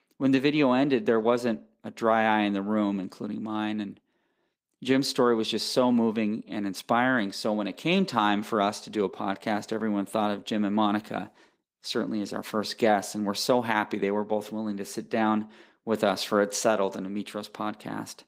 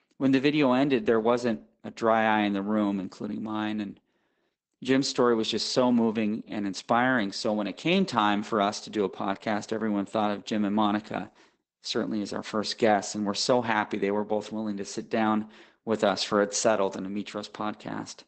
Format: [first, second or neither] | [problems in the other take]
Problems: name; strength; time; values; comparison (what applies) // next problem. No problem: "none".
first | garbled, watery; badly; nothing above 8 kHz; slightly in the first